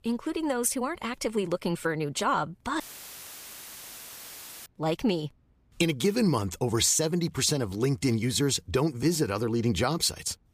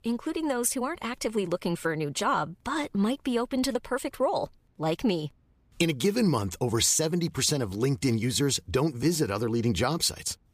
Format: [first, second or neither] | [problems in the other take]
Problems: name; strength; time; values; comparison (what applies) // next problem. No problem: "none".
second | audio cutting out; filled with static; at 3 s for 2 s